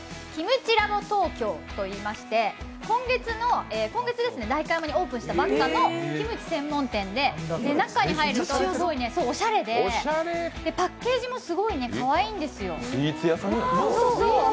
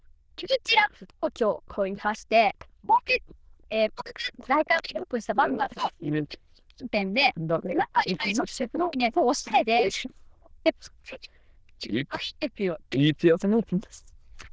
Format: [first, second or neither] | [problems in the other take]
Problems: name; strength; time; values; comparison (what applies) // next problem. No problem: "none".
first | noise reduction (neural diffusion model UNIVERSE++)